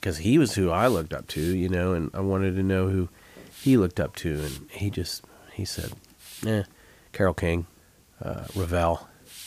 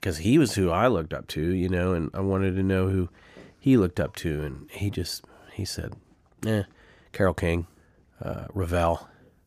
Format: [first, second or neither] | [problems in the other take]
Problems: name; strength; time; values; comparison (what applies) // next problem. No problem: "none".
second | hiss; noticeable; throughout; 20 dB below the speech